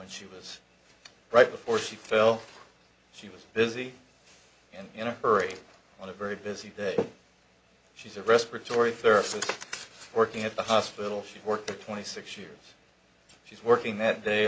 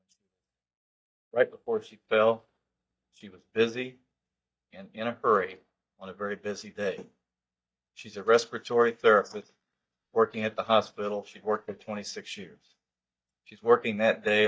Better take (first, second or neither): first